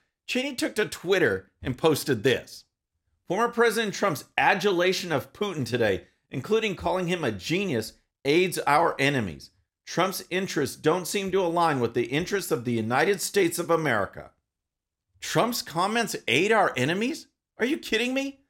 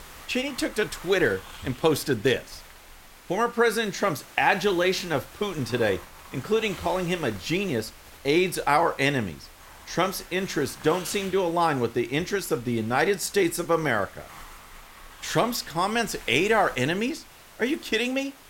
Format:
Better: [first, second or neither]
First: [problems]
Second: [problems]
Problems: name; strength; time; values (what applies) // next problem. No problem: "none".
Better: first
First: none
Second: hiss; noticeable; throughout; 20 dB below the speech